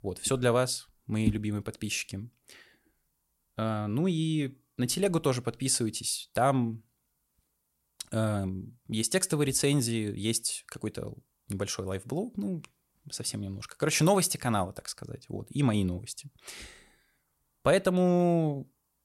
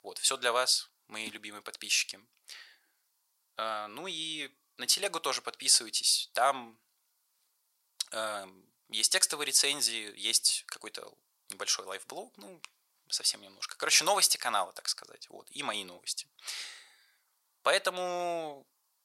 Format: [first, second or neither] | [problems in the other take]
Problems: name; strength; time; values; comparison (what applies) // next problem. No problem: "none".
first | thin; very; fading below 950 Hz